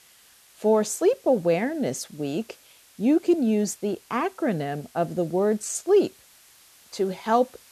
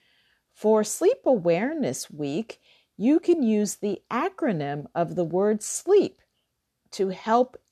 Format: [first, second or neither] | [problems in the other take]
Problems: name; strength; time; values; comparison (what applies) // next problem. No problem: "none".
second | hiss; faint; throughout; 25 dB below the speech